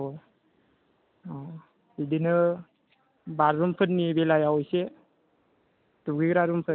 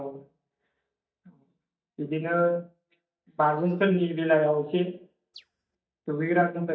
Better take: first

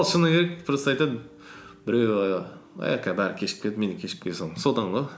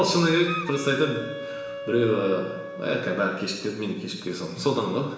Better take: first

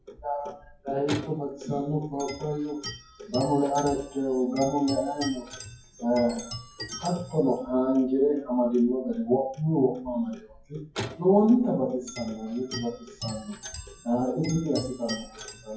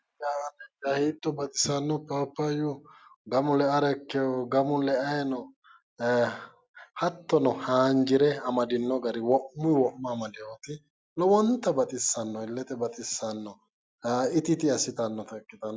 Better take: second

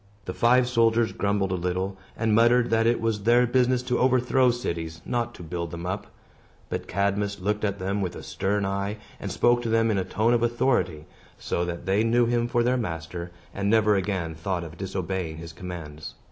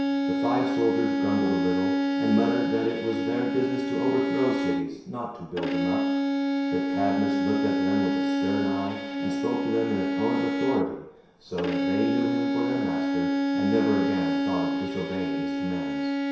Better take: first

